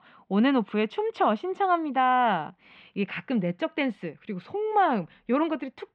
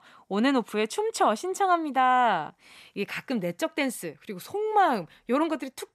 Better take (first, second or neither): second